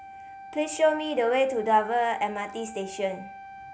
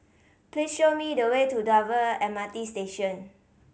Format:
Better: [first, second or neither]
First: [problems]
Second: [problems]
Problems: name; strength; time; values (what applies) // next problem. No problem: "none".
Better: second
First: background sound (Wind instrument, woodwind instrument); 16 dB below the speech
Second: none